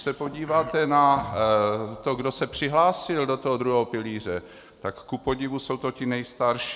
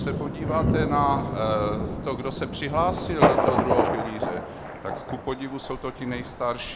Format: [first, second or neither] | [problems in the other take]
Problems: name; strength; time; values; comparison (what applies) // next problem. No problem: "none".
first | background sound (Thunder); 2 dB above the speech